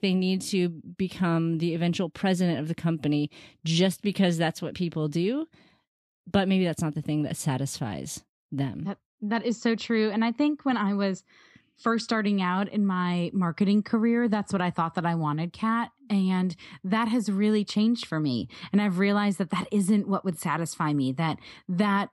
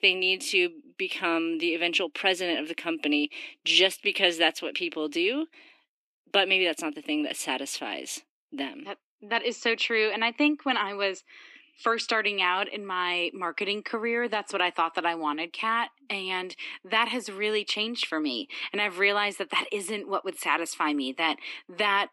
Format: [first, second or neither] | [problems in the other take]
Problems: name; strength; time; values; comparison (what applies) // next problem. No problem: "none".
first | thin; somewhat; fading below 300 Hz